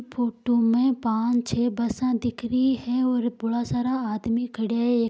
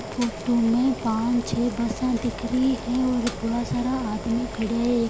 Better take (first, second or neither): first